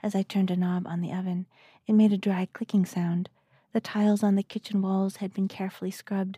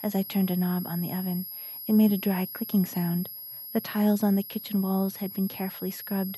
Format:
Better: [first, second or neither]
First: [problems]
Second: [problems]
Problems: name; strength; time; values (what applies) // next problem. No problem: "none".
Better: first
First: none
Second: high-pitched whine; loud; throughout; 11.5 kHz, 9 dB below the speech